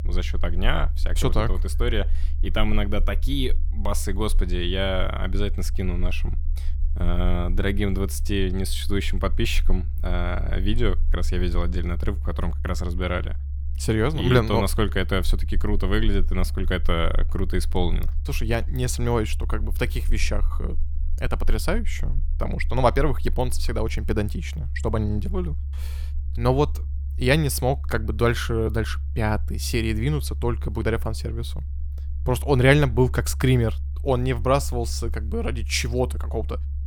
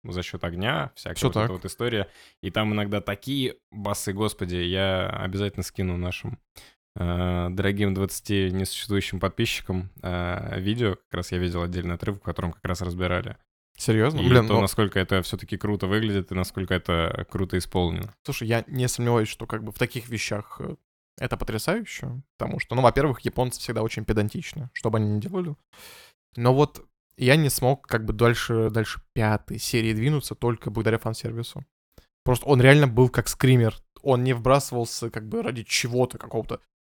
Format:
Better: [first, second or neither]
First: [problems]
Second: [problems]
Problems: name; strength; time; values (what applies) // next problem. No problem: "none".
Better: second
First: low rumble; faint; throughout; 20 dB below the speech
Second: none